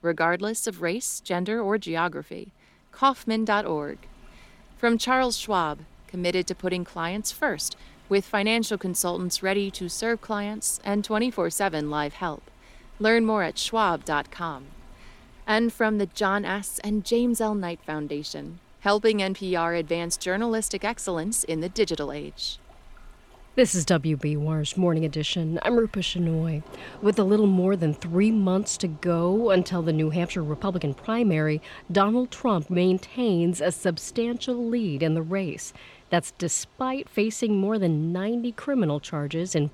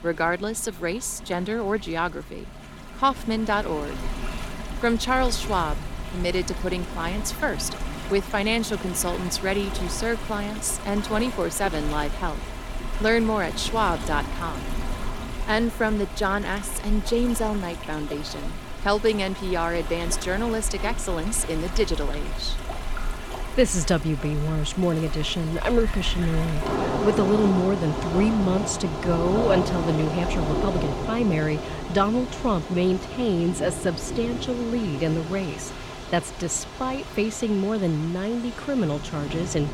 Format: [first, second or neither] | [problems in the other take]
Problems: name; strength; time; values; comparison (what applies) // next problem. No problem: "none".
first | rain or running water; loud; throughout; 7 dB below the speech; faint in the first